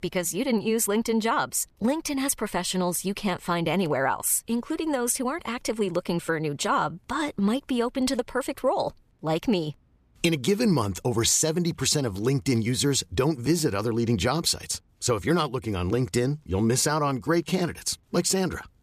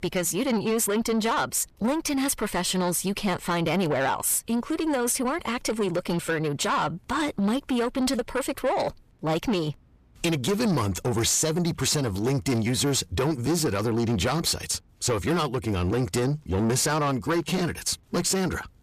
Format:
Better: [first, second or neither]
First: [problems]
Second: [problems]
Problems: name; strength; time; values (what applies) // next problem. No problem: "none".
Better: first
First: none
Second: distortion; slight; 10 dB below the speech